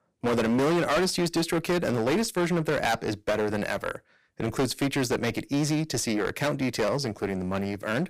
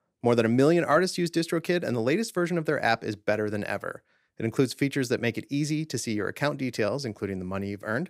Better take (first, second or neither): second